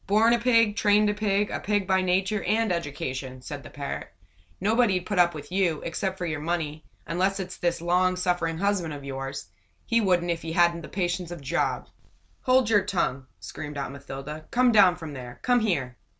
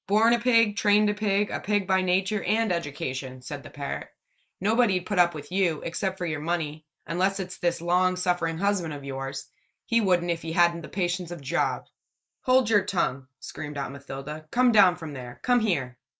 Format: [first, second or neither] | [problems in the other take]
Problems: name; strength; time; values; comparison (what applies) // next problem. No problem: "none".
first | noise reduction (neural mask model Resemble Enhance denoiser)